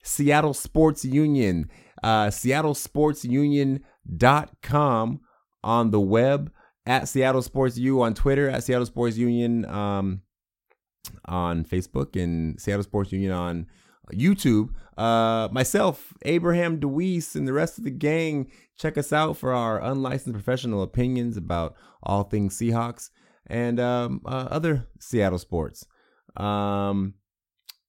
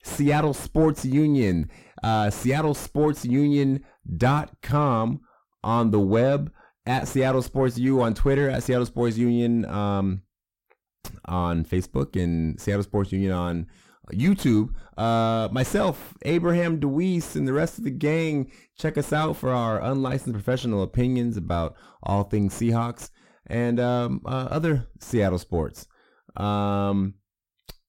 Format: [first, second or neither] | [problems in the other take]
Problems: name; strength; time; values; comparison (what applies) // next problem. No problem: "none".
first | distortion; slight; 9 dB below the speech